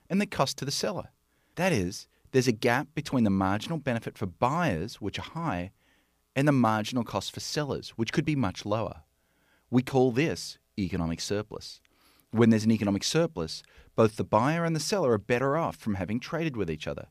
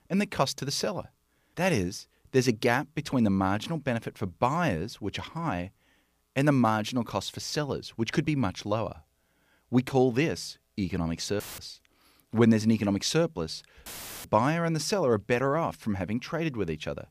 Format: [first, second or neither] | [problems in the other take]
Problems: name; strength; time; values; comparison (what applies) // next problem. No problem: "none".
first | audio cutting out; filled with static; at 11 s and at 14 s